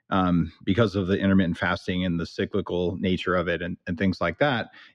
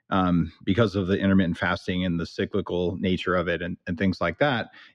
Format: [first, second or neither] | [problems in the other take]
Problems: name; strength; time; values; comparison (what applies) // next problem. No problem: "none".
neither | muffled; slightly; fading above 2.5 kHz; the same in both